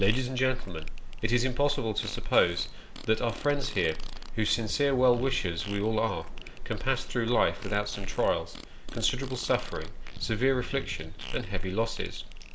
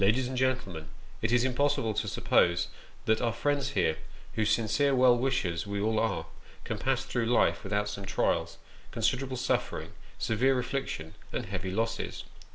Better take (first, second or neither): second